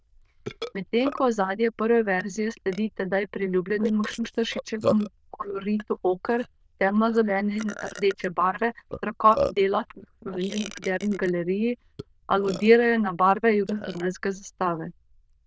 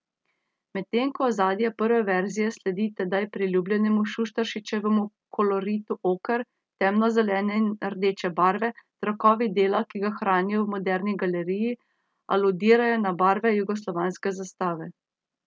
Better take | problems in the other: second | noise reduction (neural diffusion model UNIVERSE++)

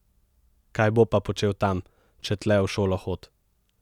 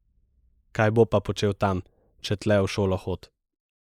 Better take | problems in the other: first | noise reduction (neural mask model Resemble Enhance denoiser)

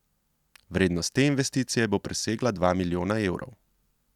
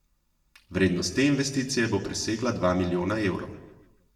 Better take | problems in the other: first | room echo; dies away in 0.9 s

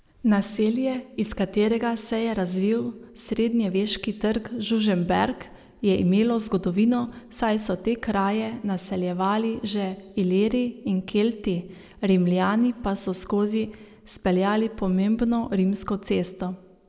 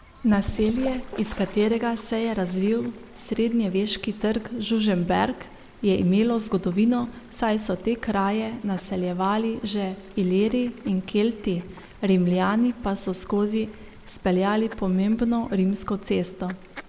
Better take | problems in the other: first | background sound (Bird / Fowl); 19 dB below the speech

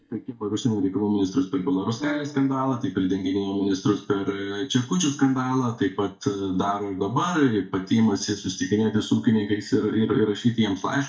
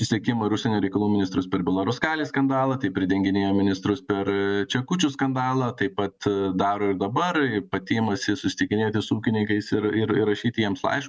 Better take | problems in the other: second | noise reduction (neural mask model DeepFilterNet 3)

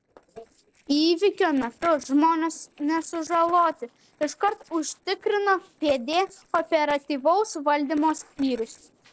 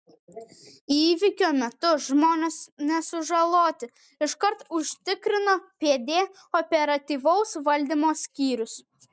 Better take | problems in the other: second | noise reduction (neural separator model SepFormer DNS4)

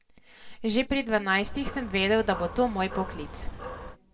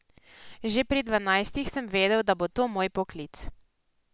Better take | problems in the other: second | background sound (Dog); 11 dB below the speech // room echo; dies away in 1.2 s

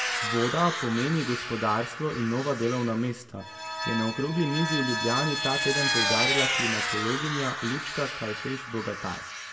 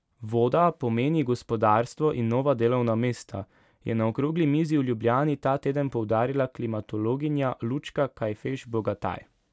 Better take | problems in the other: second | background sound (Vehicle); 1 dB below the speech // room echo; dies away in 0.5 s

